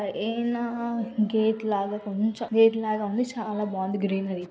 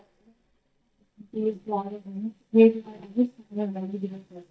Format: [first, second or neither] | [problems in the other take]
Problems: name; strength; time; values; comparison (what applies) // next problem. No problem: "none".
first | noise reduction (neural mask model DeepFilterNet 3)